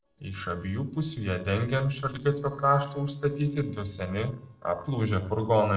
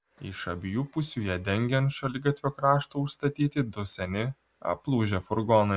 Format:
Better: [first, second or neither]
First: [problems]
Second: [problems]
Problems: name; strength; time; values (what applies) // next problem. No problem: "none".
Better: second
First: noise reduction (neural separator model SepFormer DNS4)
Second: none